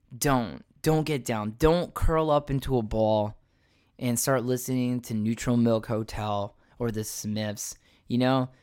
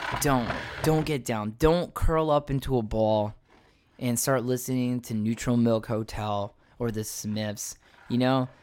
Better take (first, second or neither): first